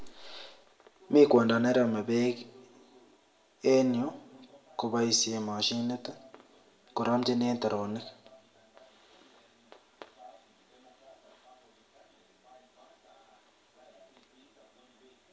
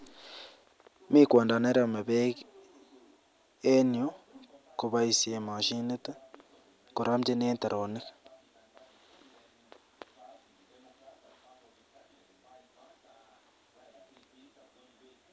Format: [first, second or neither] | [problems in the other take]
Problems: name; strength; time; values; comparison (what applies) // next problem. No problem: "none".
second | room echo; dies away in 0.5 s